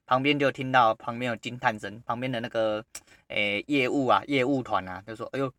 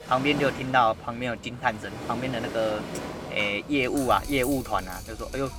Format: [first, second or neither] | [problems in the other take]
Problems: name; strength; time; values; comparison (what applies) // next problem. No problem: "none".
first | rain or running water; noticeable; throughout; 10 dB below the speech